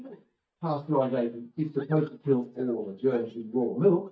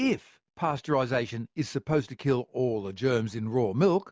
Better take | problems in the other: second | noise reduction (neural mask model DeepFilterNet 3)

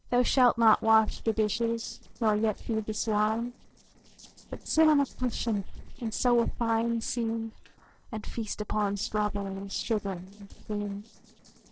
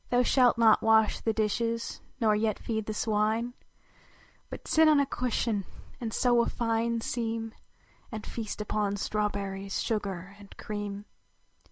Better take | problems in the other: second | noise reduction (neural separator model SepFormer DNS4)

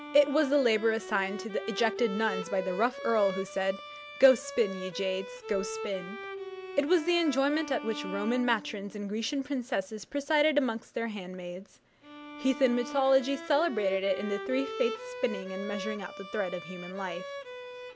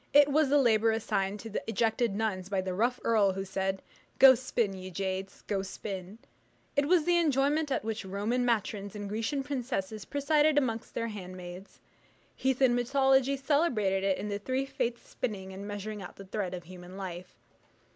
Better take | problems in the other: second | background sound (Bowed string instrument); 11 dB below the speech

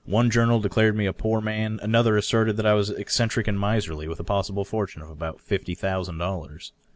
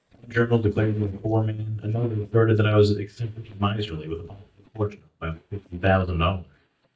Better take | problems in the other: first | noise reduction (neural mask model DeepFilterNet 3)

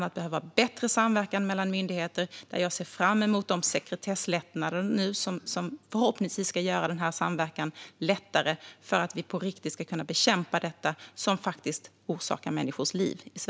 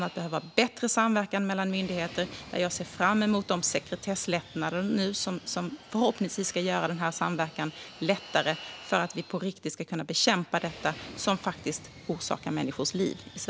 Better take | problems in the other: first | background sound (Fixed-wing aircraft, airplane); 18 dB below the speech

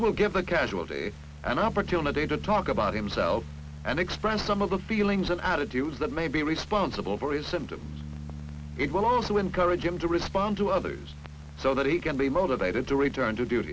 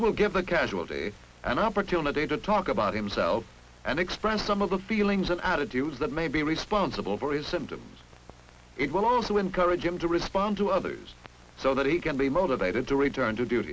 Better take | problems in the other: second | background sound (Bass guitar); 13 dB below the speech

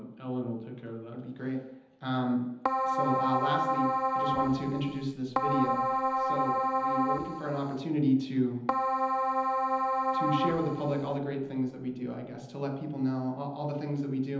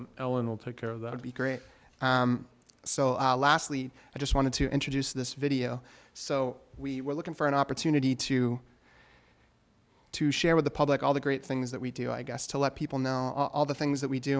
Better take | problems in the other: second | background sound (Keyboard (musical)); 3 dB above the speech // room echo; dies away in 0.9 s

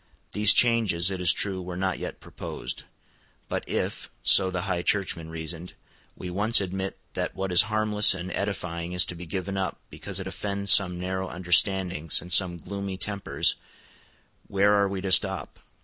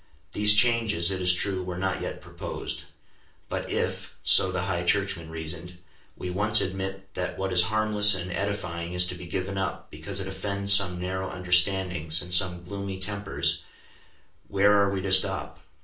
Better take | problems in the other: first | room echo; dies away in 0.3 s

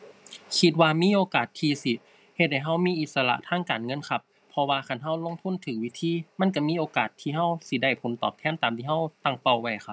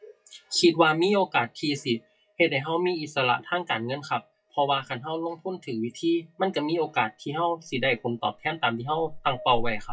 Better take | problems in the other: first | noise reduction (classical method WPE with log-MMSE)

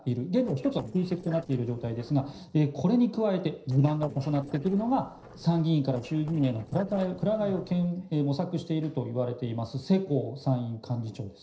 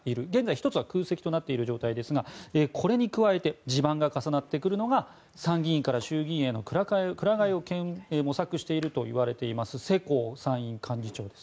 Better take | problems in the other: second | noise reduction (neural separator model SepFormer DNS4)

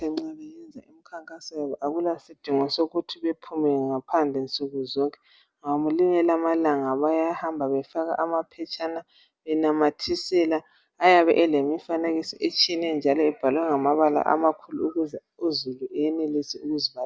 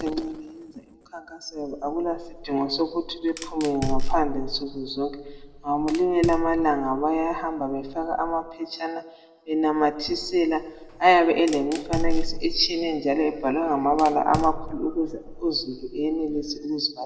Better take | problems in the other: first | background sound (Fire); 7 dB below the speech // room echo; dies away in 1.1 s

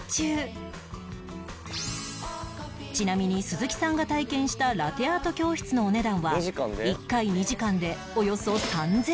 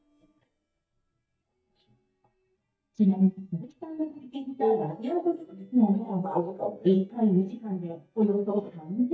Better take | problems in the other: first | noise reduction (neural mask model DeepFilterNet 3)

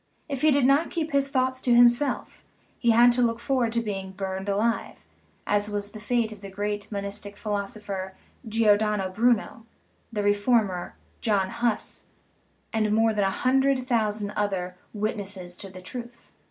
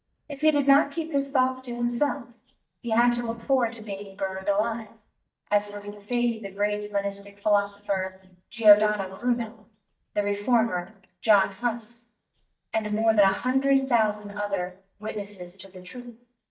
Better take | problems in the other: first | noise reduction (neural mask model DeepFilterNet 3)

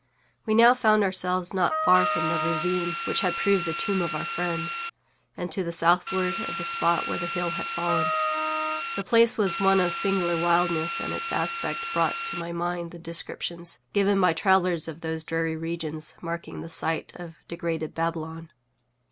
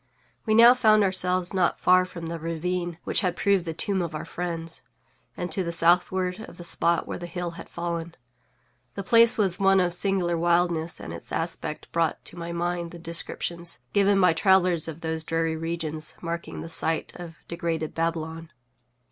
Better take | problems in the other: second | background sound (Drill + Wind instrument, woodwind instrument); 3 dB below the speech

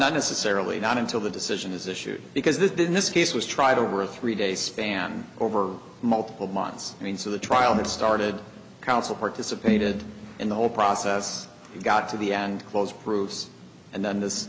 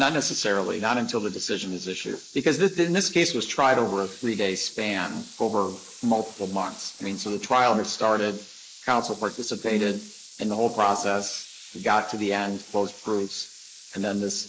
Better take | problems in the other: first | noise reduction (neural mask model Resemble Enhance denoiser)

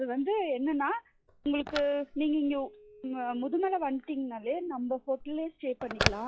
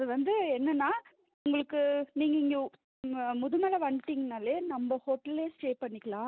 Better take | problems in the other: second | noise reduction (classical method log-MMSE)

